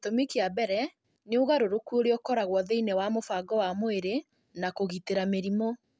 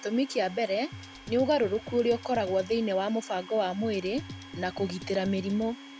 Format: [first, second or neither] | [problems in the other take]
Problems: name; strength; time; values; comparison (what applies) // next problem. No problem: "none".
first | background sound (Domestic sounds, home sounds + Drum kit); 15 dB below the speech